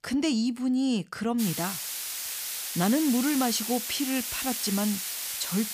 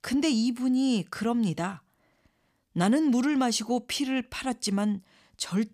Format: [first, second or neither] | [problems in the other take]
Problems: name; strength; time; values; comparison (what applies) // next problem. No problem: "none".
second | hiss; loud; from 1.5 s on; 3 dB below the speech